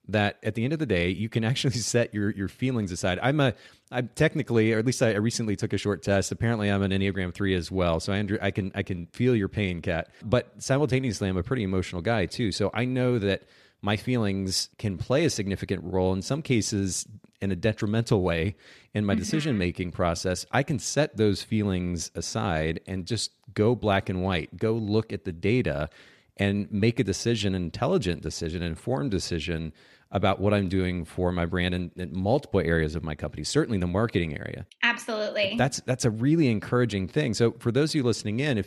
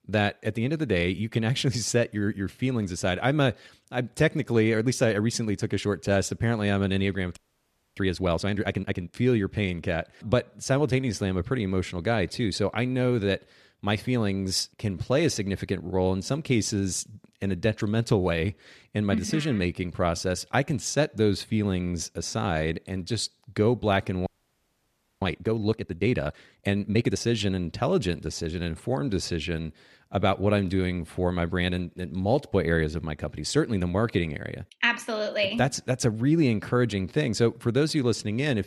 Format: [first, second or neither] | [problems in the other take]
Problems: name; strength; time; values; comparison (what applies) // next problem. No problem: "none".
first | audio freezing; at 7.5 s for 0.5 s and at 24 s for 1 s